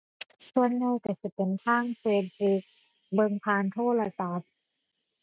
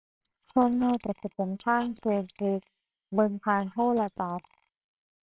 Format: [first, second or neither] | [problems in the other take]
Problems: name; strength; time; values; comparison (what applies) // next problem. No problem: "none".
first | noise reduction (neural separator model SepFormer WHAMR!)